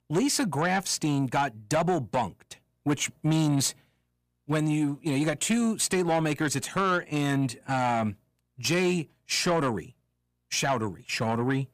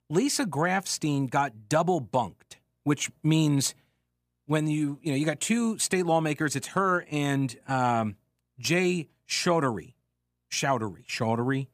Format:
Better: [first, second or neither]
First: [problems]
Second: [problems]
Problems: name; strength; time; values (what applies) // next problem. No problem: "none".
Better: second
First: distortion; slight; 10 dB below the speech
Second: none